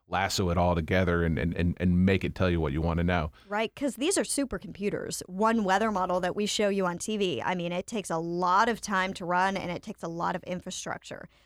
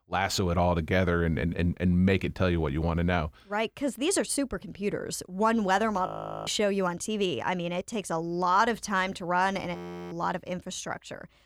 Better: first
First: none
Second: audio freezing; at 6 s and at 10 s

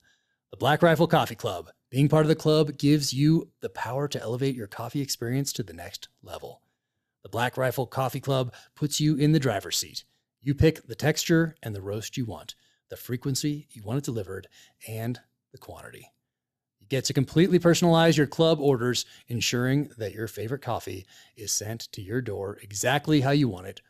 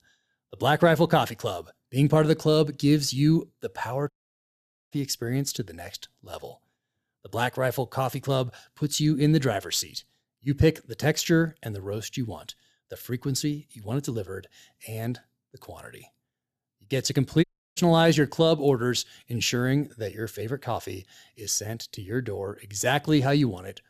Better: first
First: none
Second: audio cutting out; at 4 s for 1 s and at 17 s

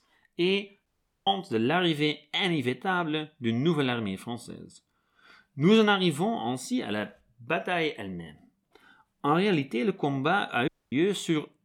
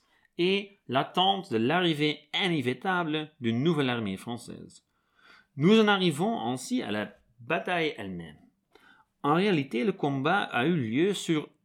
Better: second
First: audio cutting out; at 1 s and at 11 s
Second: none

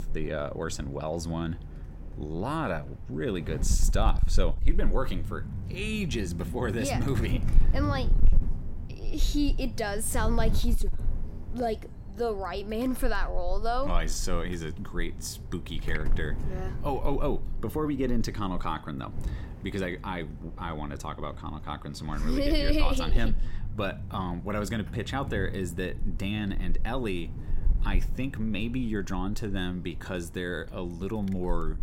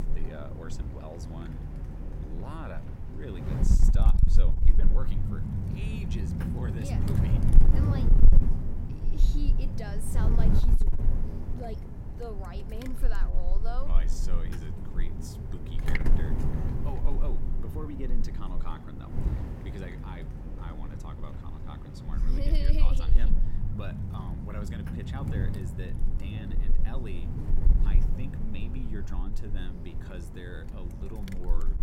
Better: first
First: wind noise on the microphone; occasional gusts; 15 dB below the speech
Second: wind noise on the microphone; heavy; as loud as the speech

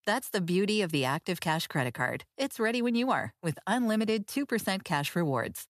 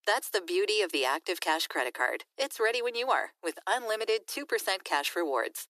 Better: first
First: none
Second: thin; very; fading below 300 Hz

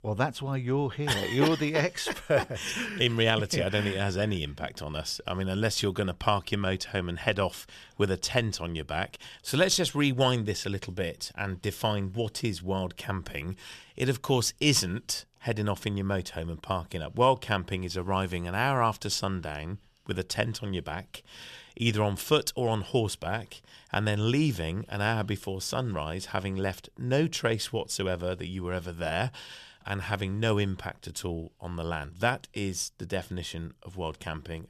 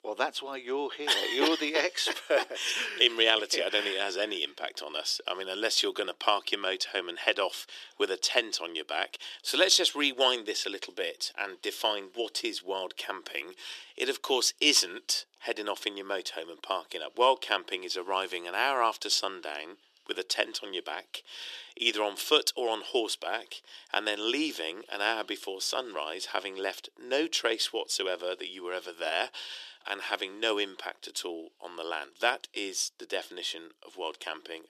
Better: first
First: none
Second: thin; very; fading below 300 Hz

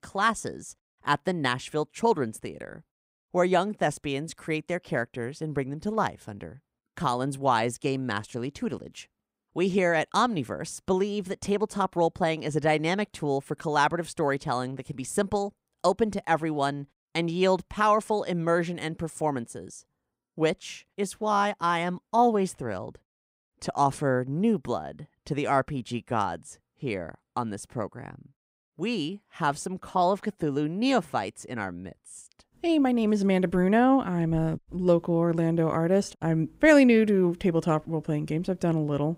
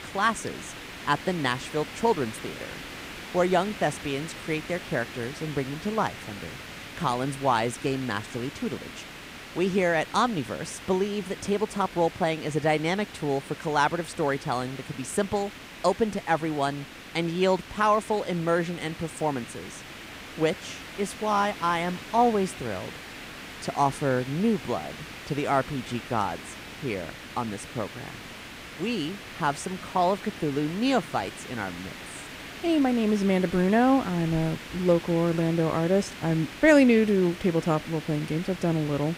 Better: first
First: none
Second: hiss; noticeable; throughout; 15 dB below the speech

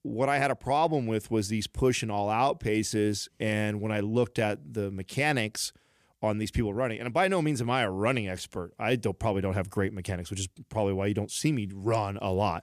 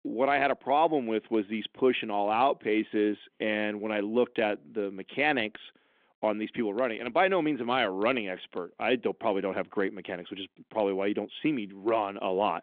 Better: first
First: none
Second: phone-call audio

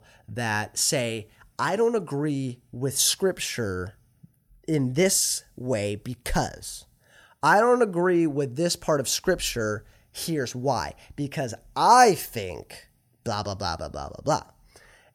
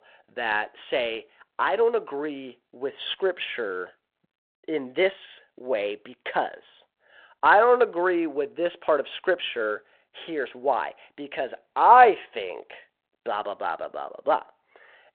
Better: first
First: none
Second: phone-call audio

